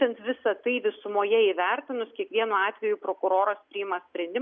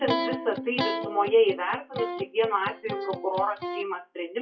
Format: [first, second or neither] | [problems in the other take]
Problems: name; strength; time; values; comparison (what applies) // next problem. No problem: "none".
first | noise reduction (classical method WPE with log-MMSE)